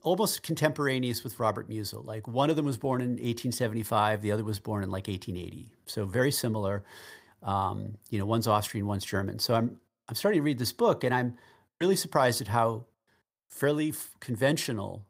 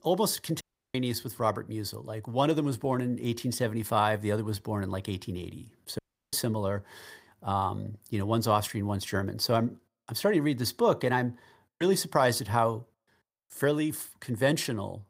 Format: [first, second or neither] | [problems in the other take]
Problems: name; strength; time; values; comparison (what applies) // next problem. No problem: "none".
first | audio cutting out; at 0.5 s and at 6 s